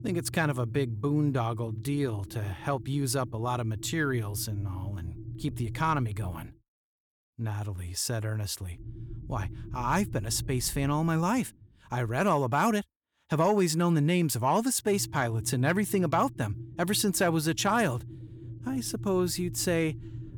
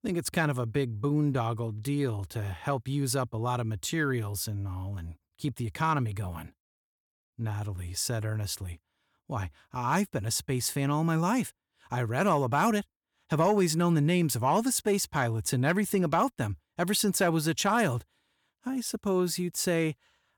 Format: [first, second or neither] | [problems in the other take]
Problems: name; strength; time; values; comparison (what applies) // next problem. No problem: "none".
second | low rumble; faint; until 6.5 s, from 9 to 12 s and from 15 s on; 20 dB below the speech